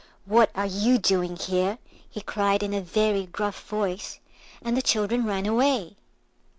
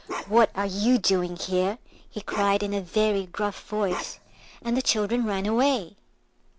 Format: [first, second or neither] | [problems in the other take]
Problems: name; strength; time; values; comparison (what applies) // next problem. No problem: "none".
first | background sound (Bark); 12 dB below the speech